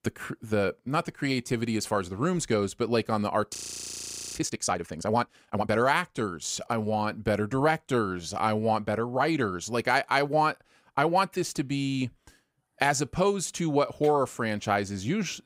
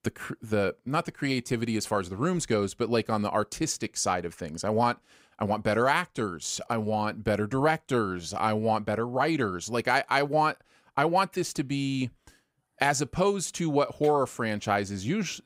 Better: second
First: audio freezing; at 3.5 s for 1 s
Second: none

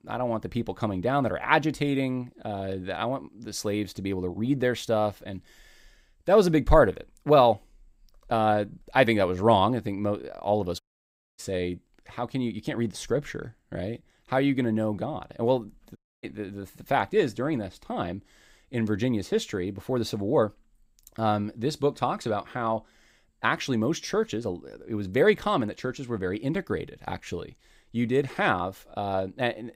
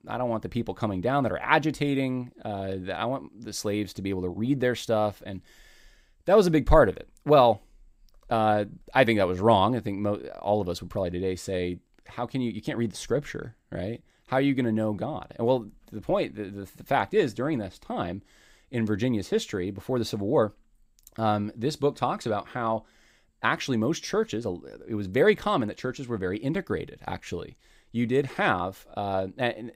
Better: second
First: audio cutting out; at 11 s for 0.5 s and at 16 s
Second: none

